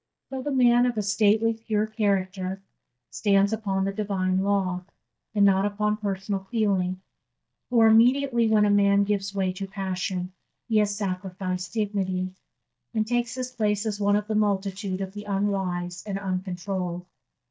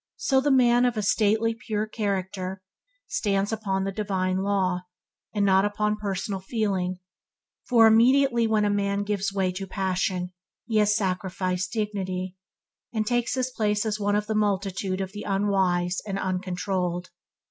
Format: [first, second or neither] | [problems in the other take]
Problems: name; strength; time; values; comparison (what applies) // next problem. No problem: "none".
second | noise reduction (neural mask model DeepFilterNet 3)